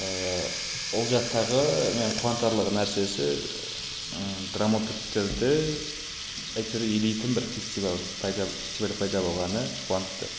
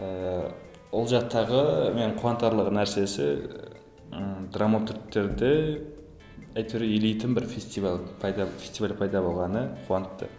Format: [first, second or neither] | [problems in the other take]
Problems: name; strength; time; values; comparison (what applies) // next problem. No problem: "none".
second | background sound (Water tap, faucet); 6 dB below the speech